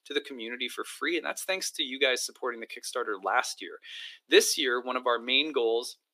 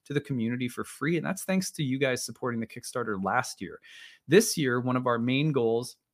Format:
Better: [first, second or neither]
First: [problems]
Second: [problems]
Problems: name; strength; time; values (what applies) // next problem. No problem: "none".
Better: second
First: thin; very; fading below 300 Hz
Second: none